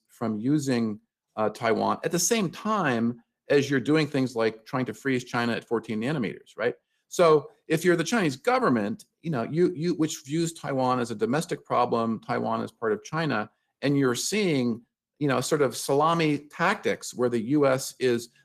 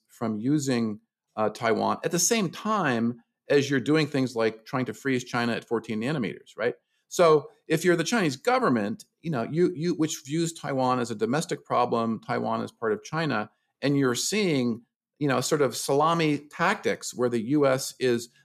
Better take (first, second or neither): second